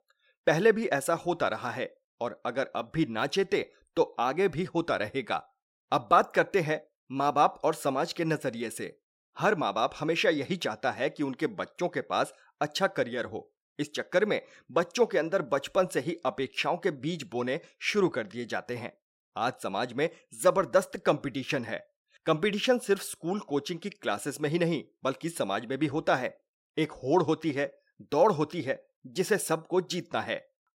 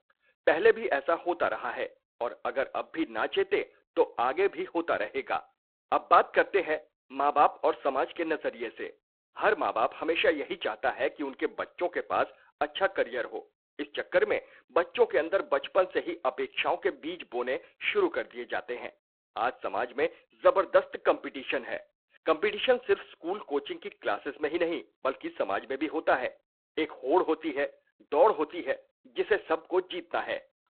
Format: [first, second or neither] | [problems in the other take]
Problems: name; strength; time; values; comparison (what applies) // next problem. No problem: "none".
first | phone-call audio; poor line